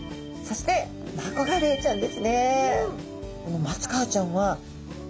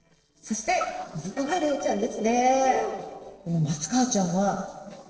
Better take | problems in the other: first | noise reduction (neural separator model SepFormer DNS4)

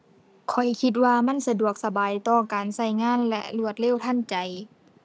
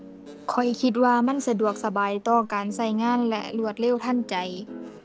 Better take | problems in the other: first | background sound (Guitar); 18 dB below the speech

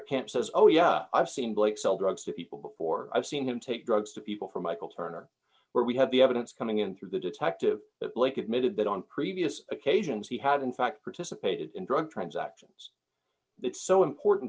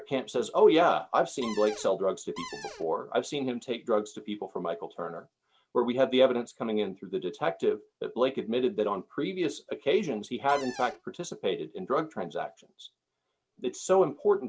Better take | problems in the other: first | background sound (Cupboard open or close); 13 dB below the speech

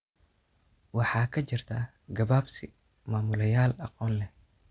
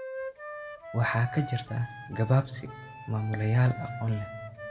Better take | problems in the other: first | background sound (Wind instrument, woodwind instrument); 12 dB below the speech // room echo; dies away in 1 s

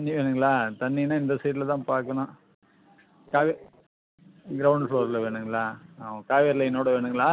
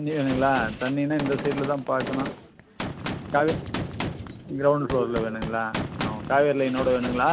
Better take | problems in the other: first | background sound (Gunshot, gunfire); 8 dB below the speech

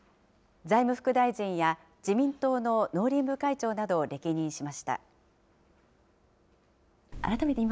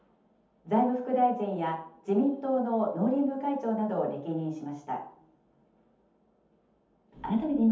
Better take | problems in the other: first | room echo; dies away in 0.6 s

